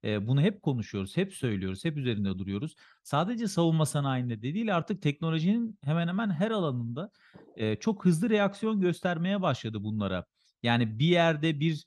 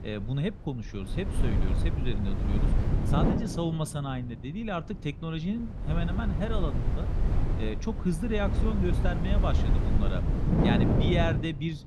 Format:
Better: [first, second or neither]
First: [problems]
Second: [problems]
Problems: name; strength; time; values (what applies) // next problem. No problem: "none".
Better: first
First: none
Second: wind noise on the microphone; heavy; 2 dB below the speech